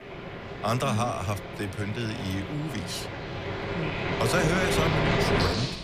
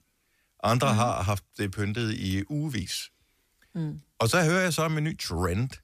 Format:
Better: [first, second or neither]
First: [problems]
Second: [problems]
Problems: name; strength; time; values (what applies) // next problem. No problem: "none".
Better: second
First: household noises; very loud; throughout; as loud as the speech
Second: none